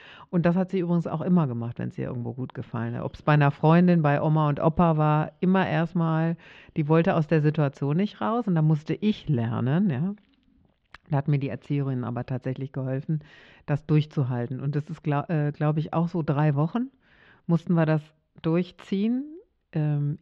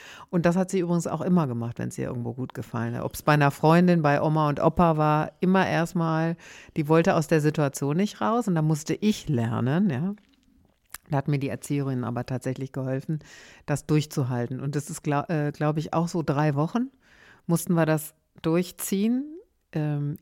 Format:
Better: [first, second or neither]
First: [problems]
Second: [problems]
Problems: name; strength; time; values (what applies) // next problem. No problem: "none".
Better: second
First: muffled; slightly; fading above 3.5 kHz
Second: none